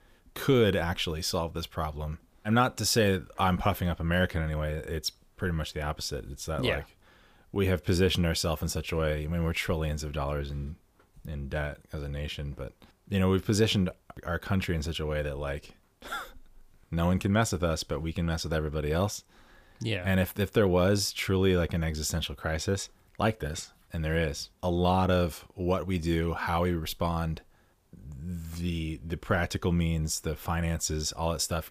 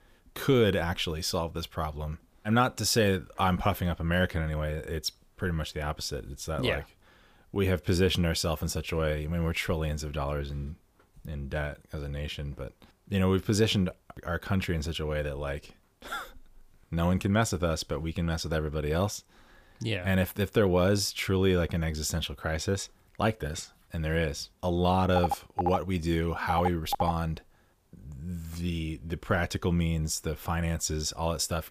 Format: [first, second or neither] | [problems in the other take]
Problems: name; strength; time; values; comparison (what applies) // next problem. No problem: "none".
first | phone ringing; noticeable; from 25 to 27 s; peak 3 dB below the speech